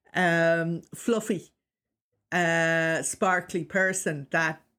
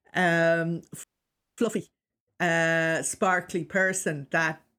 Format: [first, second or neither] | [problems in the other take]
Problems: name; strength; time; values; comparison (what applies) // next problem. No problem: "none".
first | audio freezing; at 1 s for 0.5 s